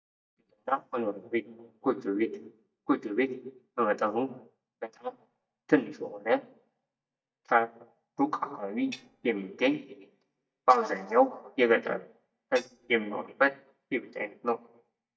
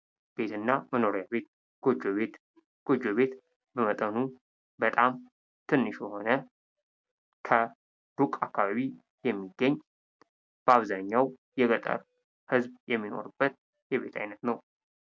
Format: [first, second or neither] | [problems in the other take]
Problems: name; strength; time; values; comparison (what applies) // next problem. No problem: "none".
second | noise reduction (neural mask model DeepFilterNet 3)